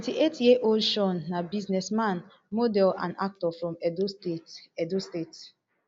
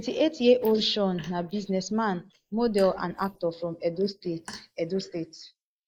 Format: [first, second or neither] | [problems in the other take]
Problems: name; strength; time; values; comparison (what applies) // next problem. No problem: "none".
first | noise reduction (neural mask model Resemble Enhance denoiser)